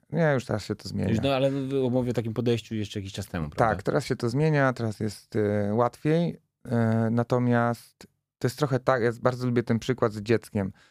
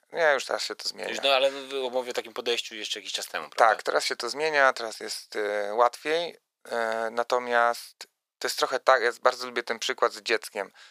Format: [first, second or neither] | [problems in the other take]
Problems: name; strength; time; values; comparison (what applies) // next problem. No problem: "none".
first | thin; very; fading below 600 Hz